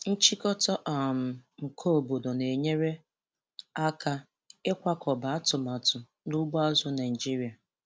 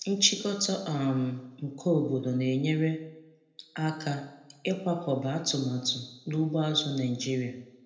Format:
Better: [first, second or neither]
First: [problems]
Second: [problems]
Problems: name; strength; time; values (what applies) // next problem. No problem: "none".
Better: first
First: none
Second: room echo; dies away in 0.7 s